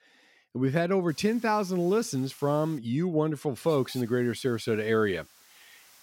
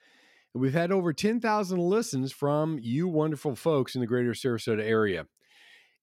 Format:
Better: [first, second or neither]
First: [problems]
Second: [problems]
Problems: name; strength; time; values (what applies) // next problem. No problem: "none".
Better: second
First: hiss; faint; from 1 to 3 s and from 3.5 s on; 25 dB below the speech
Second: none